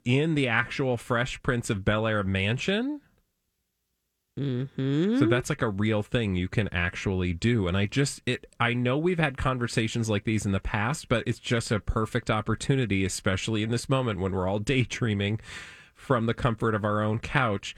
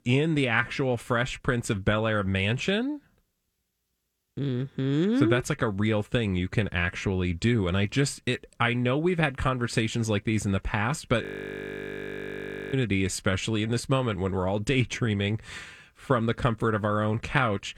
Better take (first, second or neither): first